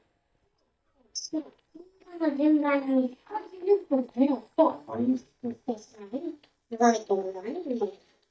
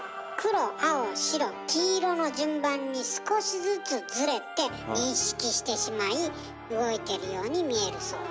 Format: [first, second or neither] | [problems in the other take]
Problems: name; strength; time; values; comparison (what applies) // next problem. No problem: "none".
second | noise reduction (neural mask model DeepFilterNet 3)